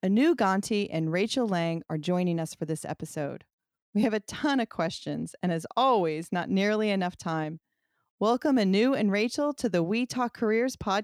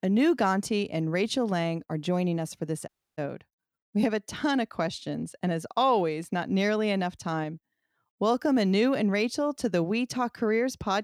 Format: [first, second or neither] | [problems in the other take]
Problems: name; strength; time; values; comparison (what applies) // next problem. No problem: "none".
first | audio cutting out; at 3 s